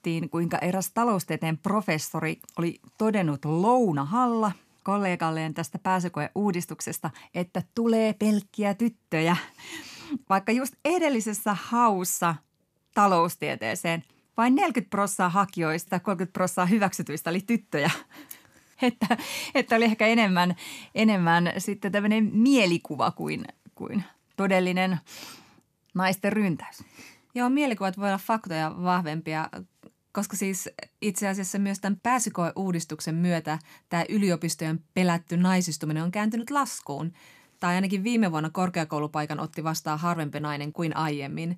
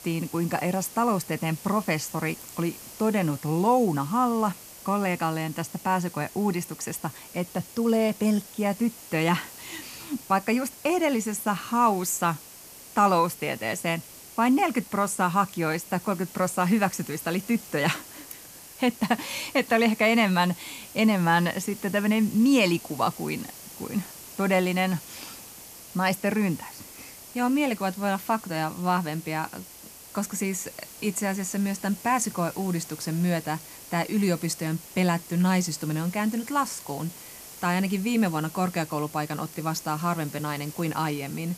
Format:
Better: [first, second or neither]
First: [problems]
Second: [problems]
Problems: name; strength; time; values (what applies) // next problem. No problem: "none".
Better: first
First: none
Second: hiss; noticeable; throughout; 15 dB below the speech